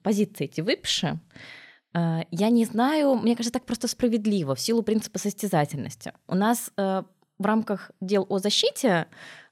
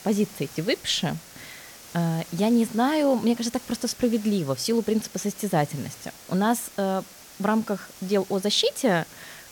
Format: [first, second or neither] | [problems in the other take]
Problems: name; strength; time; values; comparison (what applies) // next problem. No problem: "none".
first | hiss; noticeable; throughout; 20 dB below the speech